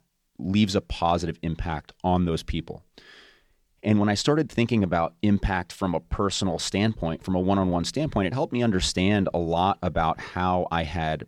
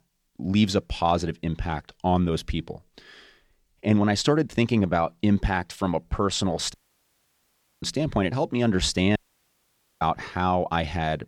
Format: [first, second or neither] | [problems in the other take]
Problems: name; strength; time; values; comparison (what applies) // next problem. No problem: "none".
first | audio cutting out; at 6.5 s for 1 s and at 9 s for 1 s